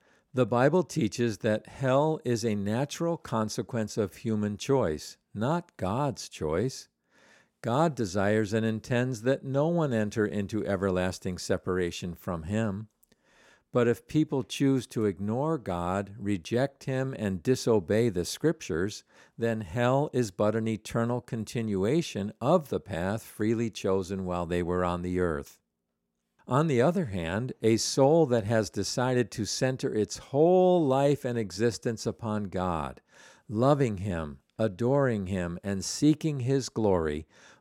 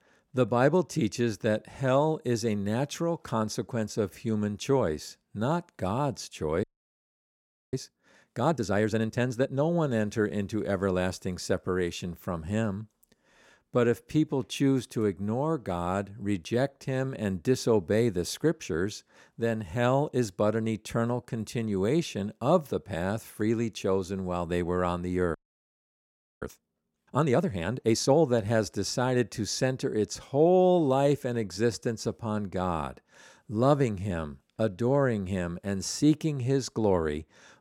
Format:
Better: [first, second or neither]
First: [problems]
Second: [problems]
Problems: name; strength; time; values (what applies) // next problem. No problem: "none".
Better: first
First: none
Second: audio freezing; at 6.5 s for 1 s and at 25 s for 1 s